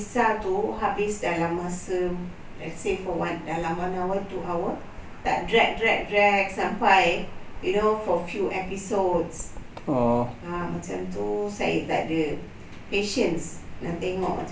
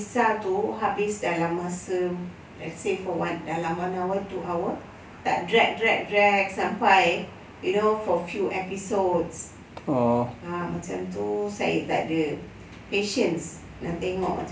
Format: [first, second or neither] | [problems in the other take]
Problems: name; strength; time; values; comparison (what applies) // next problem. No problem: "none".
second | background sound (Writing); 13 dB below the speech